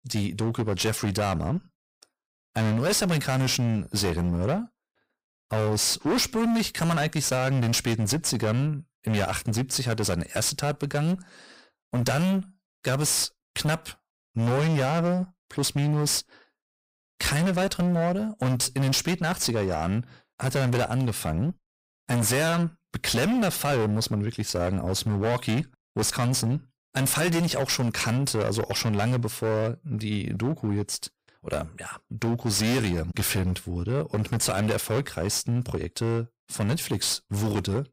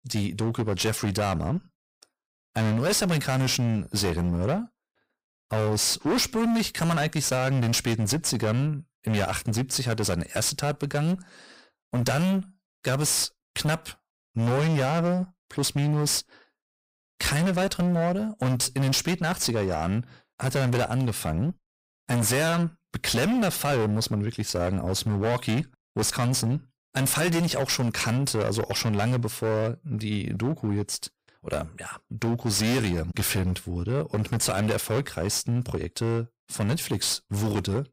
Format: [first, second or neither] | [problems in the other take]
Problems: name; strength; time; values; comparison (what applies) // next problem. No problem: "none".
neither | distortion; heavy; 24% of the sound clipped; the same in both